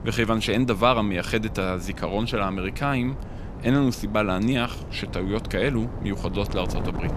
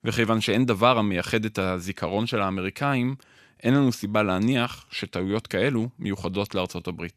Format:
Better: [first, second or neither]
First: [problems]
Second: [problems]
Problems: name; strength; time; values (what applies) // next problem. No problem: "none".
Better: second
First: wind noise on the microphone; occasional gusts; 15 dB below the speech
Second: none